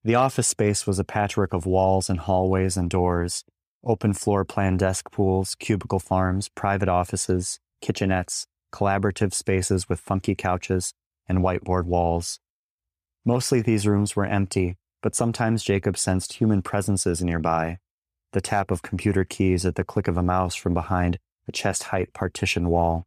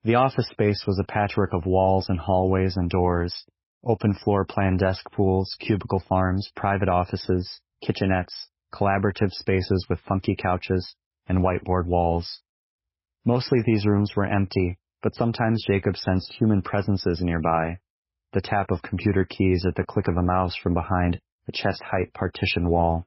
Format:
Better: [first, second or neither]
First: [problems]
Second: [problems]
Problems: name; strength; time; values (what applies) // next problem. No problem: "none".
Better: first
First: none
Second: garbled, watery; badly; nothing above 5.5 kHz